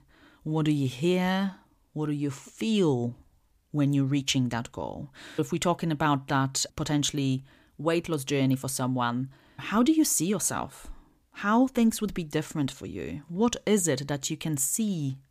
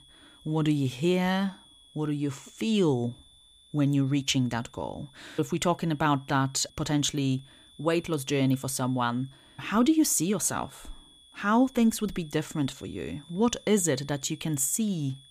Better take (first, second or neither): first